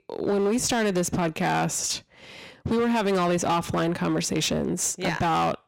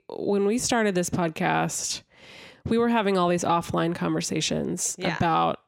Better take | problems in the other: second | distortion; slight; 16% of the sound clipped

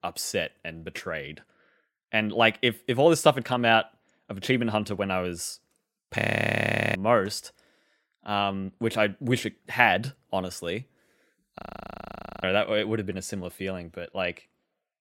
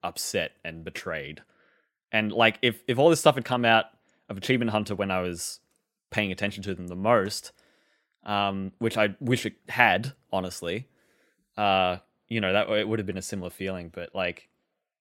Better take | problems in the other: second | audio freezing; at 6 s for 1 s and at 12 s for 1 s

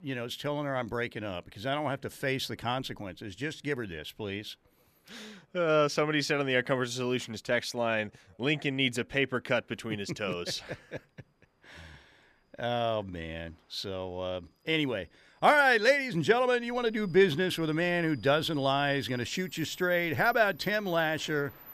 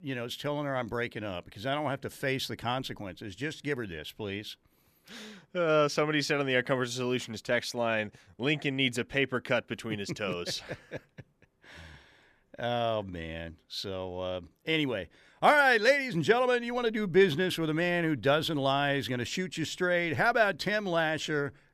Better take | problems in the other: second | train or aircraft noise; faint; throughout; 25 dB below the speech

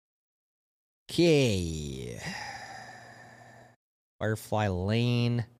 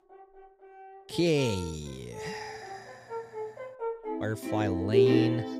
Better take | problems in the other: first | background music; very loud; throughout; 1 dB above the speech

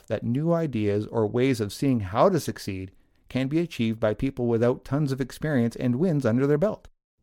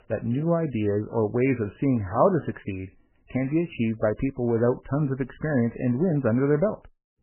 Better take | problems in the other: first | garbled, watery; badly; nothing above 2.5 kHz

